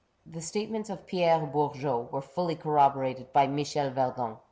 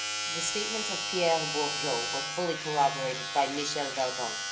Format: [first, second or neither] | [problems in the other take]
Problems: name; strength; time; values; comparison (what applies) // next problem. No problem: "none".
first | background sound (Domestic sounds, home sounds); 2 dB below the speech // room echo; dies away in 0.2 s